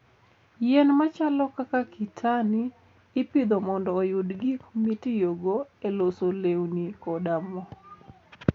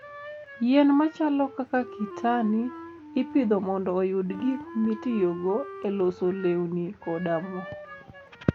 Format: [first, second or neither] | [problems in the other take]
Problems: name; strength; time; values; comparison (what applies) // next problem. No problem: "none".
first | background sound (Wind instrument, woodwind instrument); 15 dB below the speech